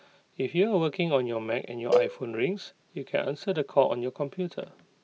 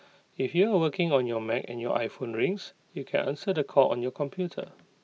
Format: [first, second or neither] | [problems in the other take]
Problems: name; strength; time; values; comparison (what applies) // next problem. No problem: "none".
second | background sound (Cowbell); 3 dB below the speech